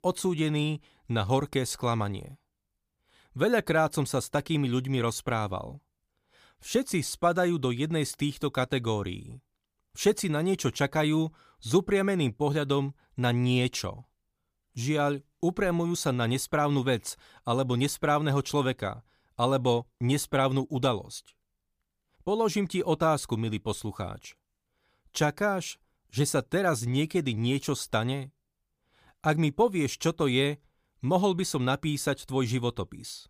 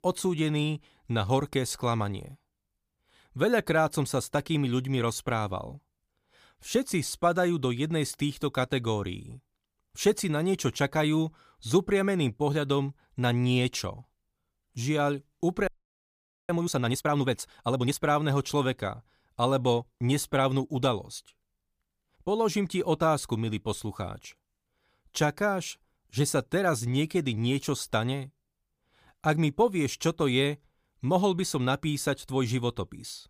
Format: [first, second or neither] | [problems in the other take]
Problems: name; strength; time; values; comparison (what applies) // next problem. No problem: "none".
first | audio freezing; at 16 s for 1 s